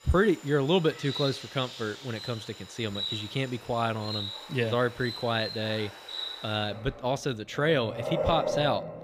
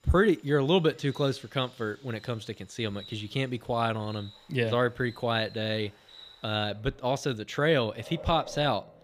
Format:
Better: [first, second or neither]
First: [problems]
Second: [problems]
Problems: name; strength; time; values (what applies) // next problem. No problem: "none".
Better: second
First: animal sounds; loud; throughout; 6 dB below the speech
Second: animal sounds; faint; throughout; 20 dB below the speech